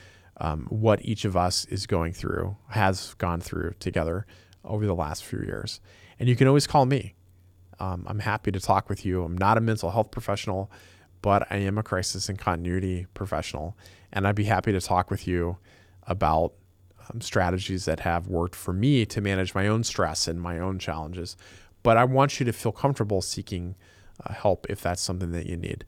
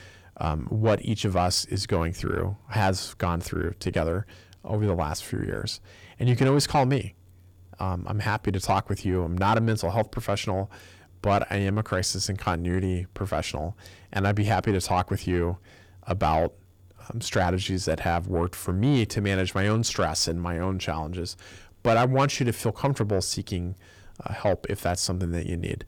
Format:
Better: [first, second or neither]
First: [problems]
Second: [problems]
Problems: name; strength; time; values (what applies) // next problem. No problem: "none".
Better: first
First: none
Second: distortion; slight; 10 dB below the speech